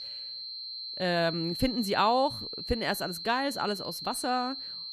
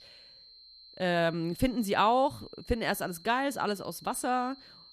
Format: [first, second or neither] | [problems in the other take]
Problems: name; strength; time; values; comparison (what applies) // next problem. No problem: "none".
second | high-pitched whine; loud; throughout; 4 kHz, 6 dB below the speech; faint in the second